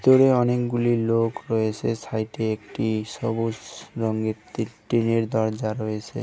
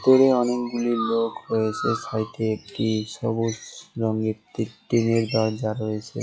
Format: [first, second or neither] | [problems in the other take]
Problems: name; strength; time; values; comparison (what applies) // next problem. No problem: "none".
first | noise reduction (classical method log-MMSE)